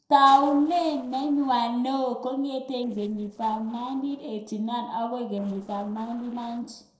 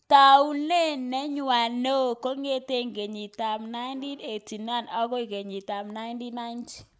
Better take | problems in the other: second | noise reduction (neural separator model SepFormer DNS4)

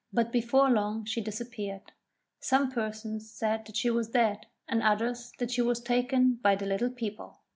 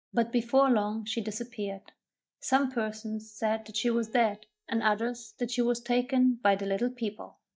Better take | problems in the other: first | noise reduction (neural mask model DeepFilterNet 3)

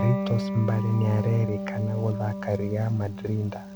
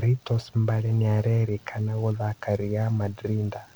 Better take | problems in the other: second | background sound (Electric guitar); 6 dB below the speech

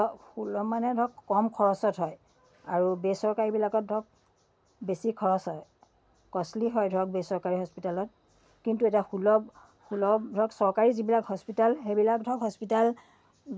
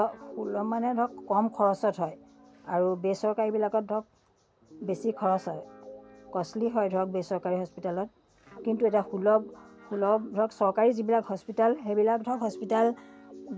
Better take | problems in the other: first | background sound (Guitar); 20 dB below the speech

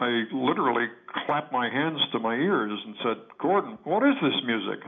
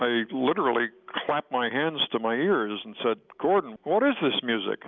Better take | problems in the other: second | room echo; dies away in 0.4 s

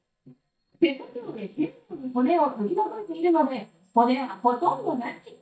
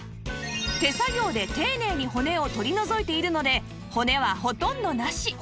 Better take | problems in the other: second | noise reduction (neural mask model DeepFilterNet 3)

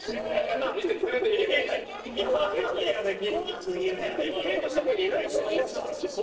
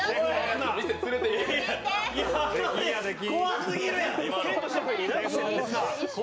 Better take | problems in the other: second | noise reduction (neural separator model SepFormer DNS4)

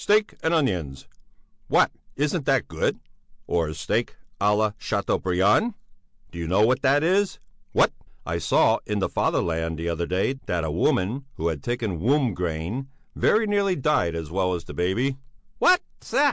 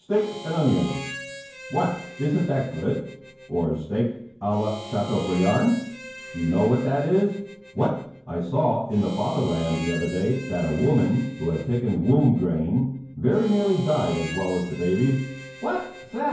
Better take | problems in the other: first | background sound (Harmonica); 16 dB below the speech // room echo; dies away in 0.9 s

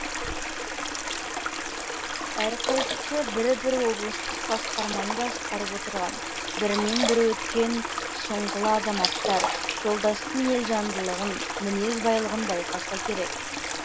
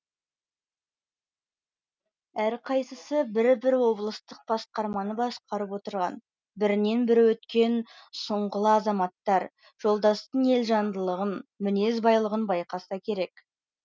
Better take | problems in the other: second | background sound (Stream + Sink (filling or washing)); 2 dB below the speech

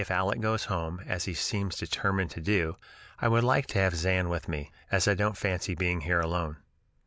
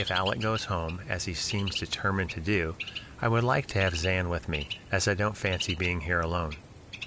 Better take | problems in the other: first | background sound (Bird); 11 dB below the speech

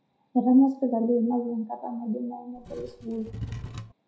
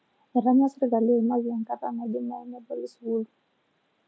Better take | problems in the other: second | background sound (Wood / Tools); 12 dB below the speech // room echo; dies away in 0.5 s

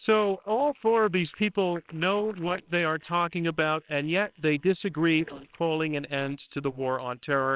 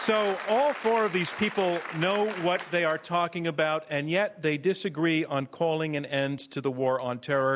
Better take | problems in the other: second | noise reduction (neural separator model SepFormer WHAMR!)

